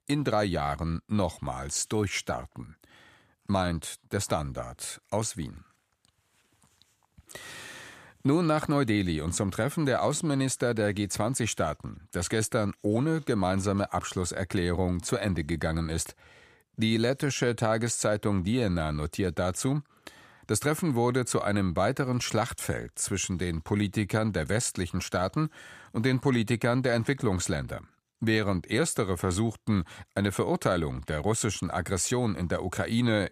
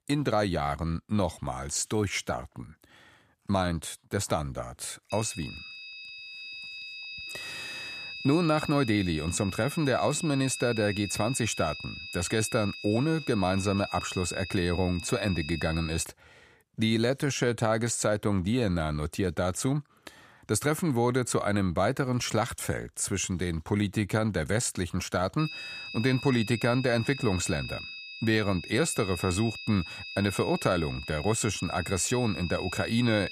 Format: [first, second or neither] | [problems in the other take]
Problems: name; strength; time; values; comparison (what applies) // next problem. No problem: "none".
first | high-pitched whine; loud; from 5 to 16 s and from 25 s on; 2.5 kHz, 10 dB below the speech